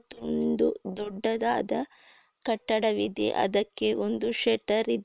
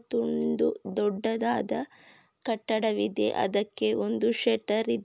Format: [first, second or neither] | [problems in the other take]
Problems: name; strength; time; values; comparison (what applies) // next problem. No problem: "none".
second | noise reduction (neural separator model SepFormer WHAM!)